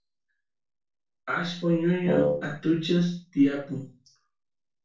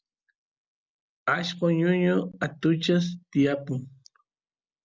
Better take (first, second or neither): second